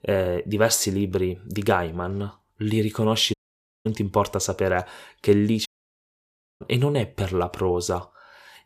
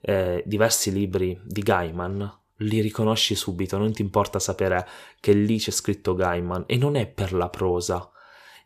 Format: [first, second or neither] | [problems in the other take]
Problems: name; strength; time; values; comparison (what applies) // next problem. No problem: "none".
second | audio cutting out; at 3.5 s for 0.5 s and at 5.5 s for 1 s